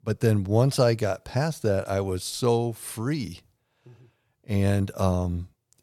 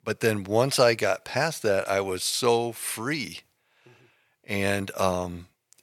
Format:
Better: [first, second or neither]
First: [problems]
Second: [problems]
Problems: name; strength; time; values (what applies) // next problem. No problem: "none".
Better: first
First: none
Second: thin; somewhat; fading below 600 Hz